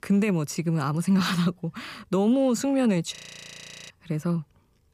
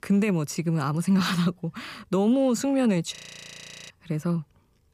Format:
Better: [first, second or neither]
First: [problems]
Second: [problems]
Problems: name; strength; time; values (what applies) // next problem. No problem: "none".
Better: neither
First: audio freezing; at 3 s for 1 s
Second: audio freezing; at 3 s for 1 s